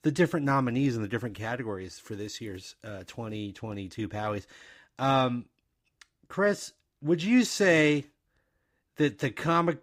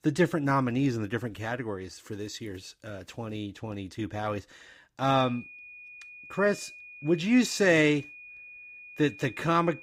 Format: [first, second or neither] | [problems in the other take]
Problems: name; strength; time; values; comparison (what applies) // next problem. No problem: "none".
first | high-pitched whine; noticeable; from 5 s on; 2.5 kHz, 15 dB below the speech